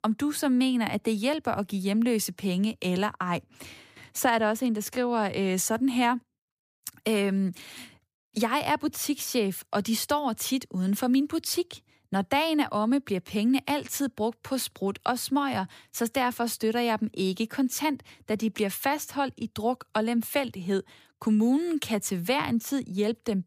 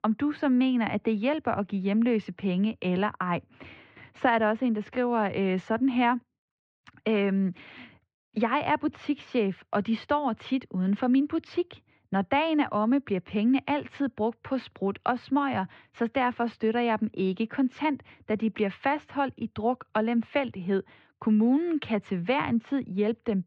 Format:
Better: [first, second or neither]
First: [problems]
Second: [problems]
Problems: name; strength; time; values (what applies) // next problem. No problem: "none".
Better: first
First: none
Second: muffled; very; fading above 3 kHz